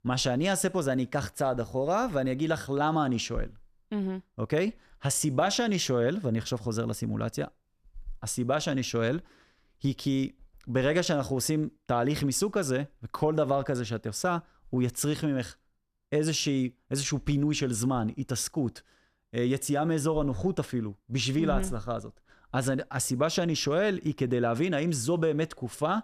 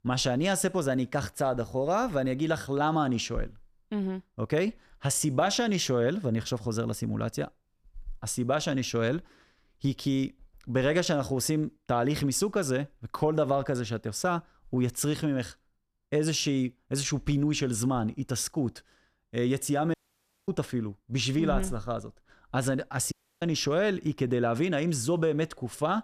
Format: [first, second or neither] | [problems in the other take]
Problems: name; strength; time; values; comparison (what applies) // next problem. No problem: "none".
first | audio cutting out; at 20 s for 0.5 s and at 23 s